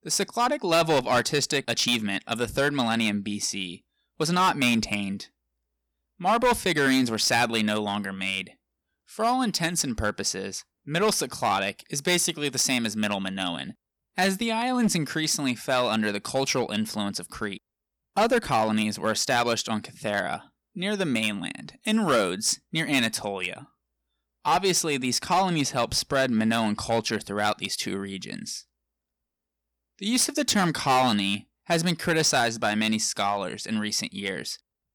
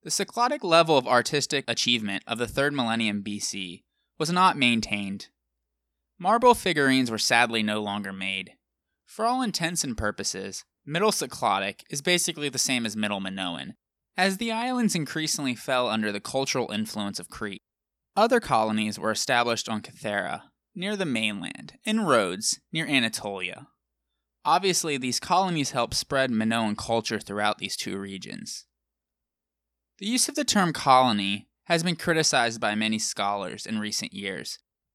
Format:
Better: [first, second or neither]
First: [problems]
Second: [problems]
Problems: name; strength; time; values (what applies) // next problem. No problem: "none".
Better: second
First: distortion; slight; 4% of the sound clipped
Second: none